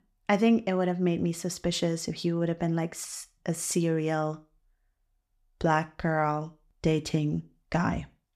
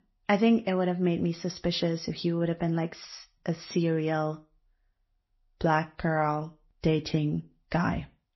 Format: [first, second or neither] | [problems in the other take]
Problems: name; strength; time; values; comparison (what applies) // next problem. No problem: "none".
first | garbled, watery; slightly; nothing above 6 kHz